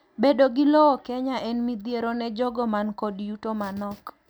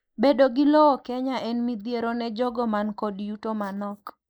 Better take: first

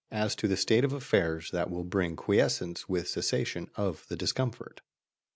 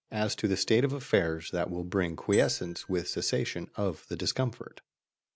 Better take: first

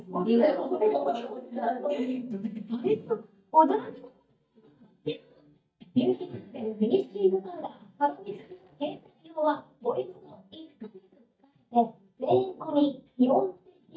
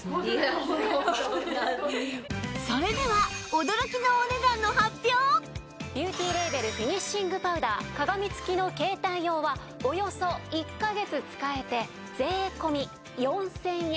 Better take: second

